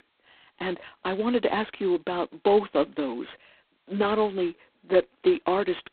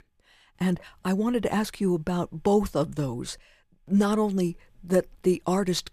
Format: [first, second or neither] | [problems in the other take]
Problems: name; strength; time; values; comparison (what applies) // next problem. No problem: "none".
second | phone-call audio; poor line; nothing above 4 kHz